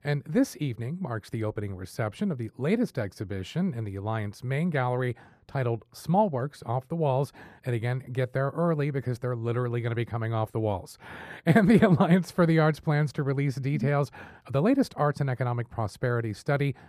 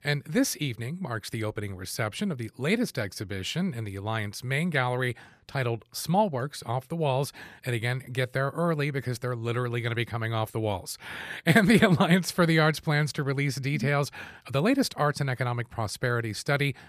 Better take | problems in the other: second | muffled; slightly; fading above 1.5 kHz

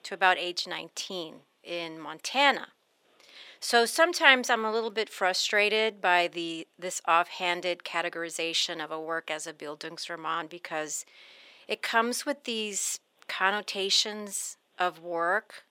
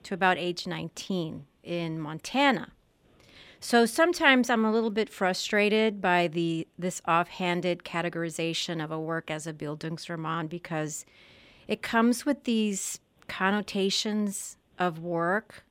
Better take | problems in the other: second | thin; somewhat; fading below 500 Hz

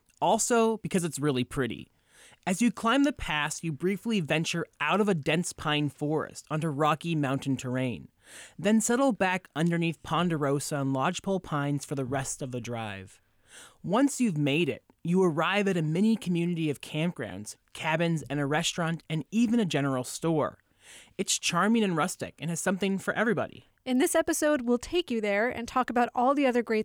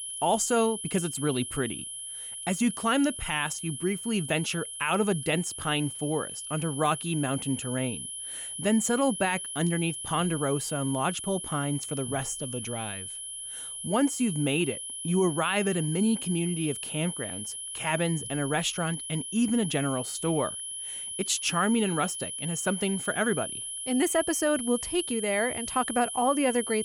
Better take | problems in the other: first | high-pitched whine; loud; throughout; 10.5 kHz, 6 dB below the speech

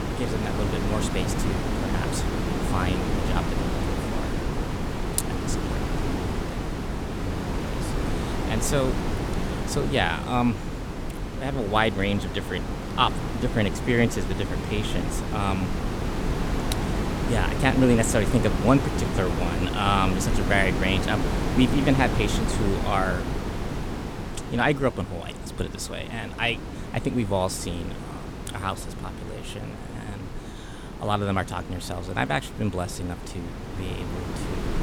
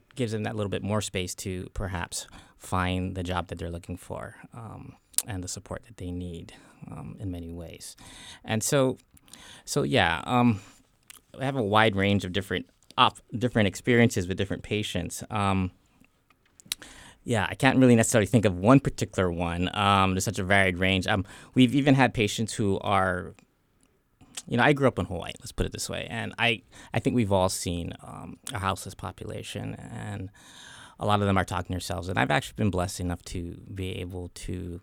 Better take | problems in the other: second | wind noise on the microphone; heavy; 6 dB below the speech

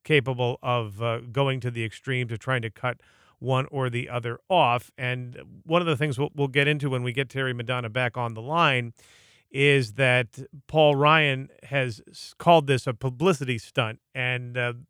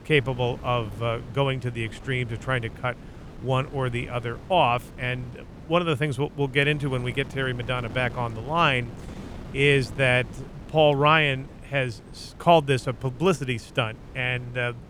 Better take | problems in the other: first | wind noise on the microphone; occasional gusts; 20 dB below the speech

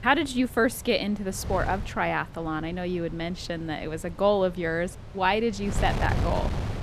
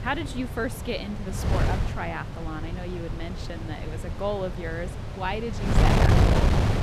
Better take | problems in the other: first | wind noise on the microphone; heavy; as loud as the speech; occasional gusts in the first

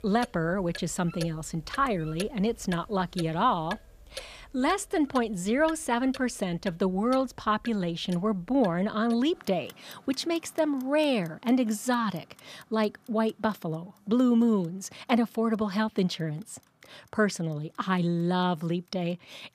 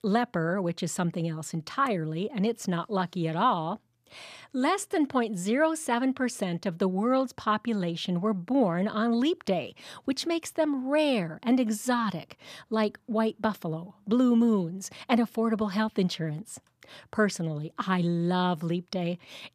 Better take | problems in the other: second | household noises; noticeable; throughout; 20 dB below the speech

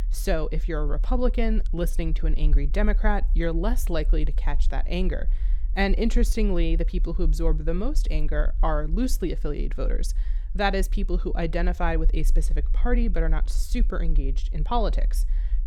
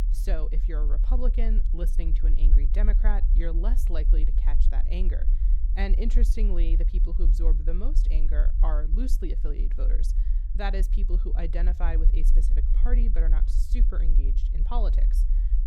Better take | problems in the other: first | low rumble; loud; throughout; 10 dB below the speech; faint in the first

